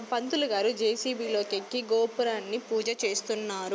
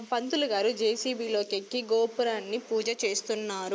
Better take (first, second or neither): first